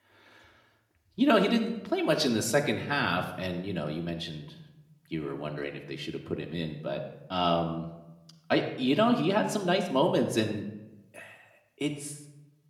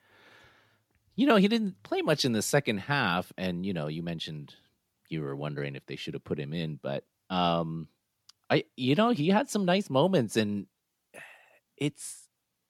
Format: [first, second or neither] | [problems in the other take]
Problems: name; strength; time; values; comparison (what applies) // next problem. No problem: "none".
second | room echo; slight; dies away in 0.7 s